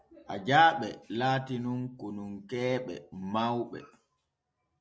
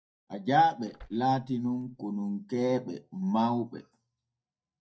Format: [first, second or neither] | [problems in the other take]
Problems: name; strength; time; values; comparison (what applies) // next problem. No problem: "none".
first | noise reduction (neural mask model DeepFilterNet 3)